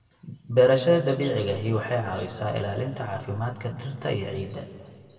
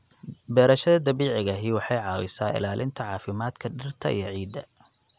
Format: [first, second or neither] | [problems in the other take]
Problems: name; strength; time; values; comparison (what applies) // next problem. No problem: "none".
second | room echo; dies away in 2.3 s